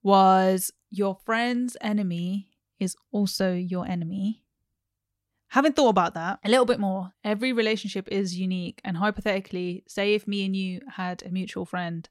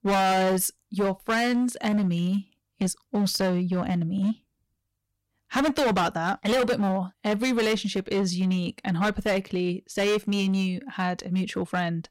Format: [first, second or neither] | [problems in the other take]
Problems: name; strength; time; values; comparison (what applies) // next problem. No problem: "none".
first | distortion; heavy; 14% of the sound clipped